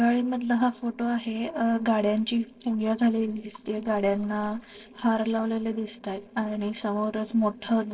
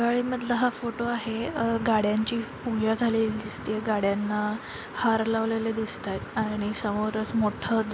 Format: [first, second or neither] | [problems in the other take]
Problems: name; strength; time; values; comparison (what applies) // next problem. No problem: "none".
second | noise reduction (neural separator model SepFormer DNS4)